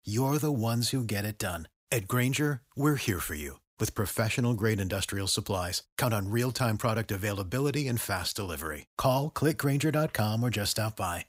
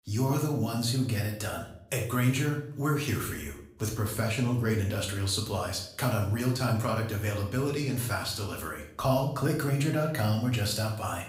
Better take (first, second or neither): first